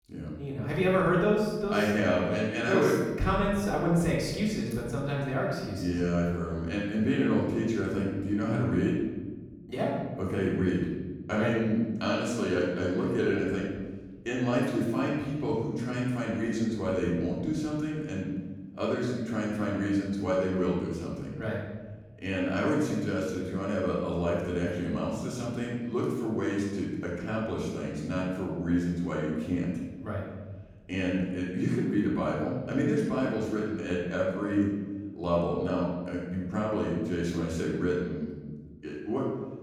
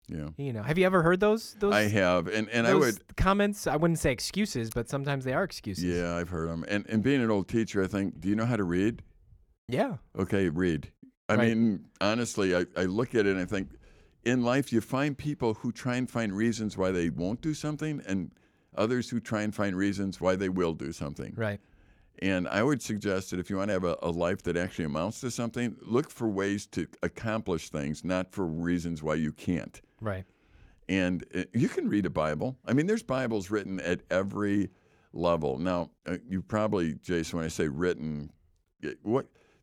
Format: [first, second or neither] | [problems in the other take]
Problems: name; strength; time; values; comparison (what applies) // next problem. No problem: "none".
second | off-mic speech; far // room echo; noticeable; dies away in 1.4 s